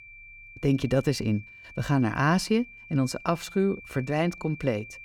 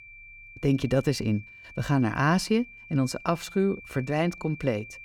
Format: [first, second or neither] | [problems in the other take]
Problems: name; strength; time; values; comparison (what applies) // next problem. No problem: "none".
neither | high-pitched whine; noticeable; throughout; 2.5 kHz, 20 dB below the speech; the same in both